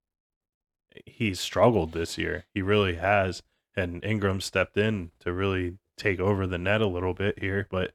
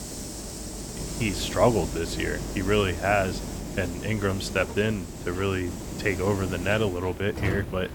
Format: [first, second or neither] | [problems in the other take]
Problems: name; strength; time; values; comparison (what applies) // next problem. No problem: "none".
first | hiss; loud; throughout; 7 dB below the speech